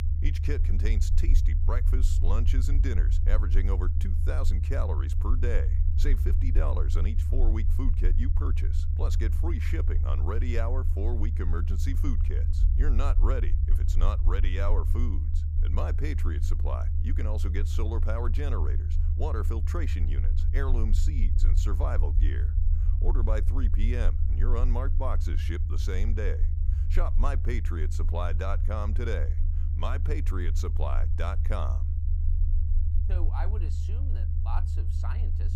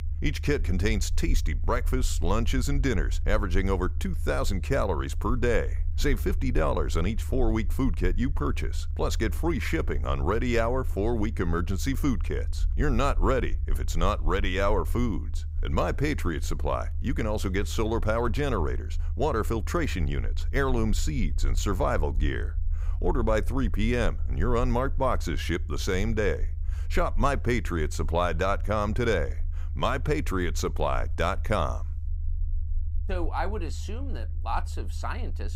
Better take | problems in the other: second | low rumble; loud; throughout; 7 dB below the speech; faint in the second

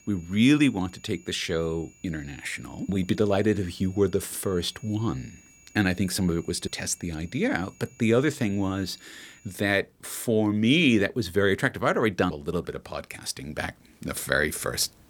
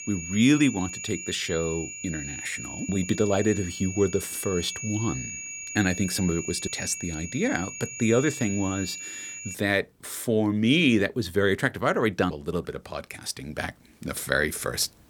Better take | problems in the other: first | high-pitched whine; loud; until 9.5 s; 6.5 kHz, 8 dB below the speech; faint in the first

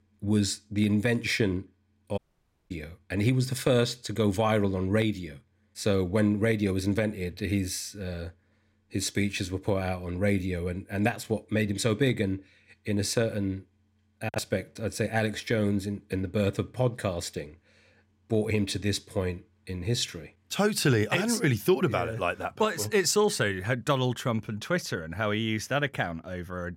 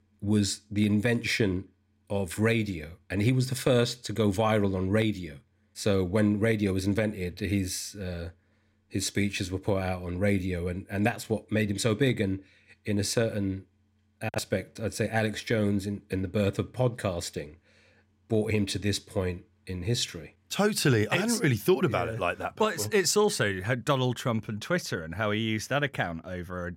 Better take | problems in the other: second | audio cutting out; at 2 s for 0.5 s

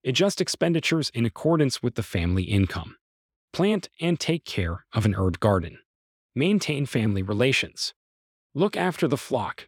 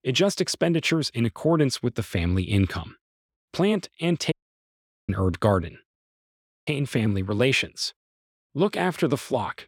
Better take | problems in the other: first | audio cutting out; at 4.5 s for 1 s and at 6 s for 0.5 s

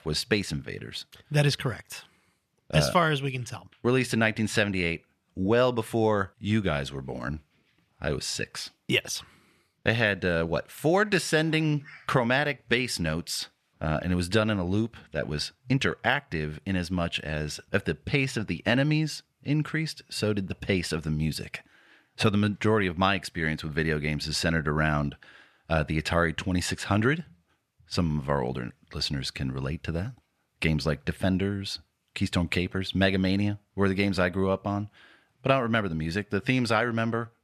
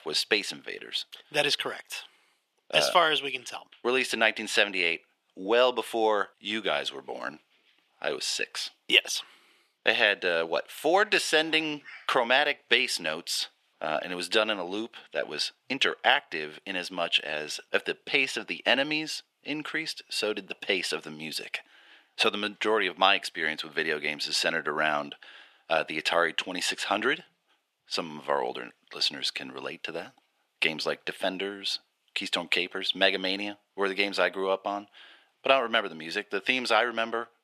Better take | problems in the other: first | thin; very; fading below 350 Hz

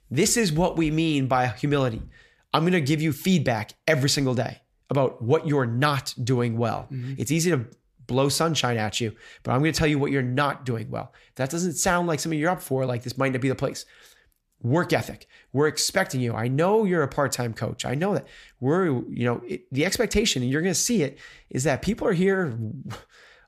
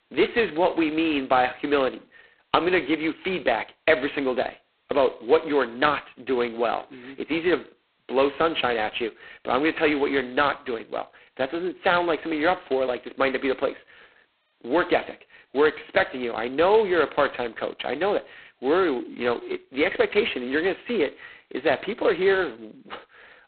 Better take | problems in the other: first | phone-call audio; poor line; nothing above 4 kHz

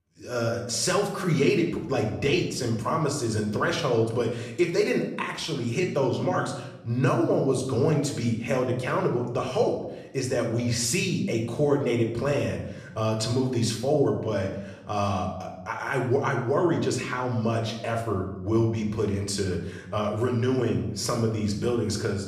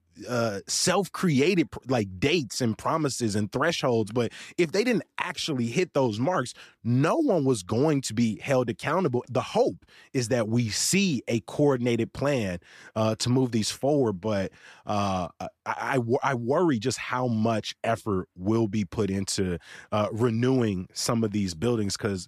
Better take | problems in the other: second | room echo; slight; dies away in 0.7 s // off-mic speech; somewhat distant

